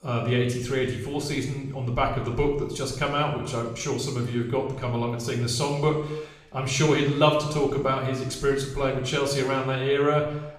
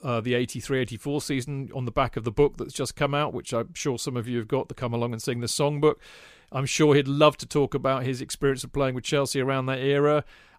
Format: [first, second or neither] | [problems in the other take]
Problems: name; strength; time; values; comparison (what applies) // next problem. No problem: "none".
second | room echo; noticeable; dies away in 0.8 s // off-mic speech; somewhat distant